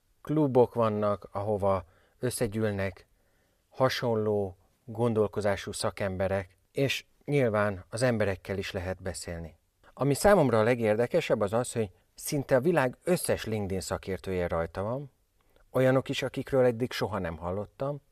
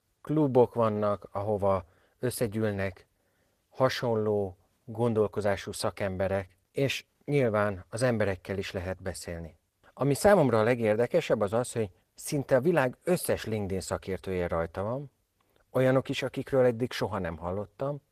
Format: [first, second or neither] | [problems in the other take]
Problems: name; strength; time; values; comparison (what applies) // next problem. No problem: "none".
first | garbled, watery; slightly; nothing above 14.5 kHz